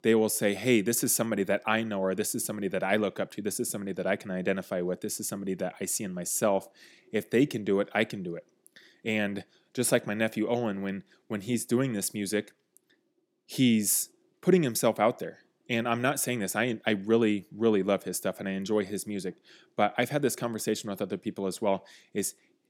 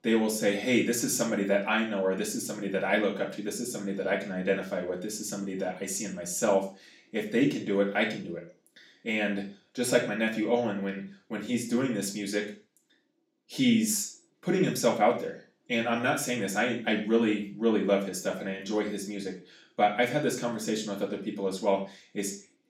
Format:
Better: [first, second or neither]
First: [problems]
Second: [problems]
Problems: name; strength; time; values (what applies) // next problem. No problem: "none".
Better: first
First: none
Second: room echo; noticeable; dies away in 0.4 s // off-mic speech; far